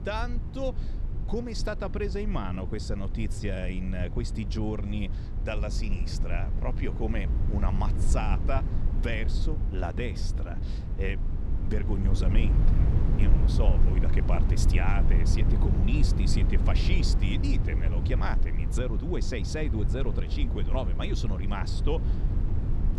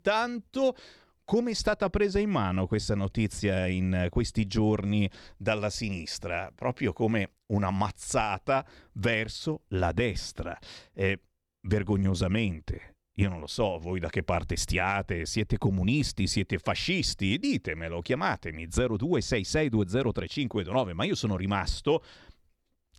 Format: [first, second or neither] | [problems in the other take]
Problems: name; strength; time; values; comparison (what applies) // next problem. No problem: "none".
second | low rumble; loud; throughout; 6 dB below the speech